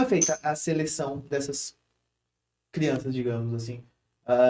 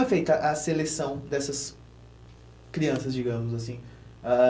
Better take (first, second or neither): second